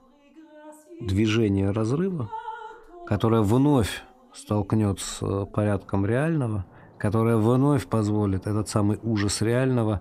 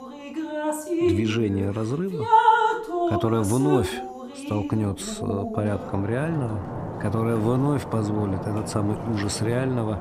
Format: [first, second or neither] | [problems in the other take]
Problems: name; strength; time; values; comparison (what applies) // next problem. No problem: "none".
first | rain or running water; loud; throughout; 1 dB below the speech; faint in the first